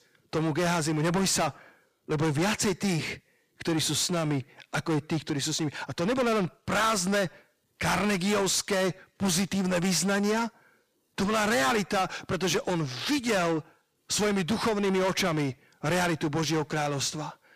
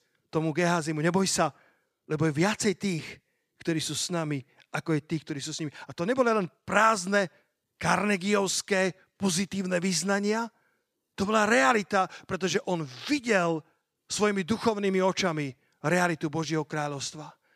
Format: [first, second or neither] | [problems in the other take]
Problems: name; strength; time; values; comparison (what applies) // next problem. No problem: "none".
second | distortion; heavy; 5 dB below the speech